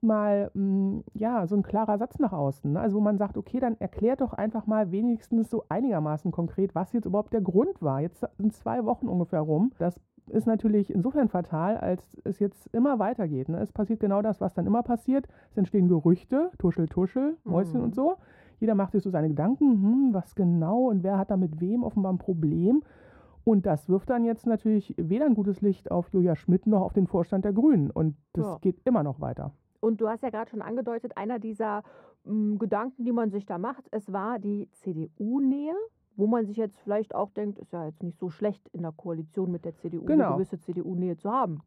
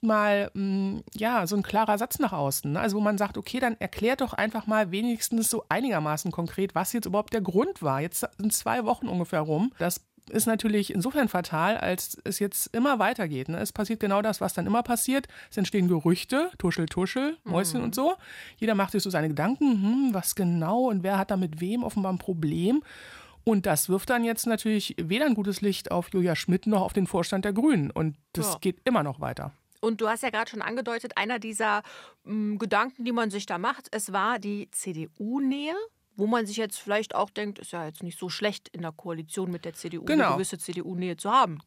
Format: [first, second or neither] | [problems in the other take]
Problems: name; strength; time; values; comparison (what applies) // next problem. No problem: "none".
second | muffled; very; fading above 1.5 kHz